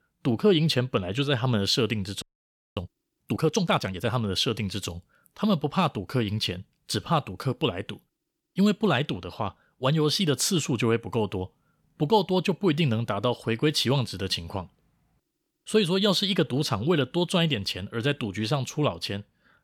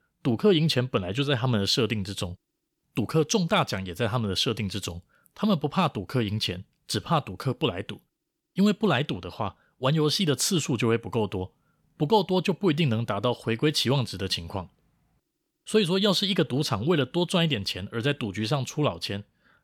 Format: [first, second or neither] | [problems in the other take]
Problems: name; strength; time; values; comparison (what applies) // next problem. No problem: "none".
second | audio freezing; at 2 s for 0.5 s